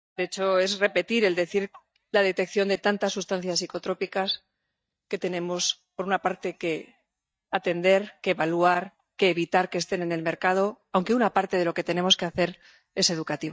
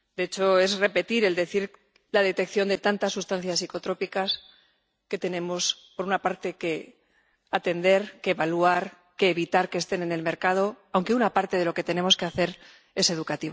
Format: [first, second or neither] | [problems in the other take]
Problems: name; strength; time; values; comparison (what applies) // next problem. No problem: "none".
second | noise reduction (neural mask model DeepFilterNet 3)